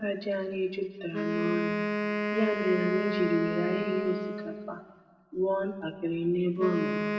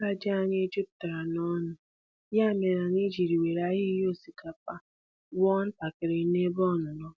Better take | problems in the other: second | background sound (Wind instrument, woodwind instrument); 2 dB below the speech // room echo; dies away in 1.4 s

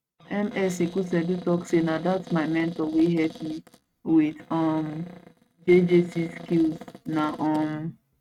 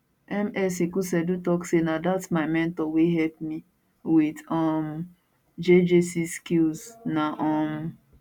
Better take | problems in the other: second | noise reduction (neural mask model RNNoise)

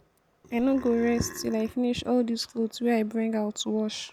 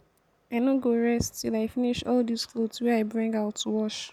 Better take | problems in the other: second | background sound (Burping, eructation); 16 dB below the speech

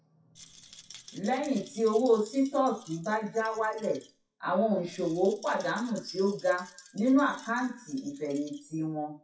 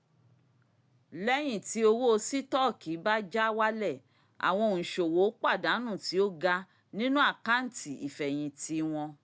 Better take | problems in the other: second | noise reduction (classical method WPE with log-MMSE)

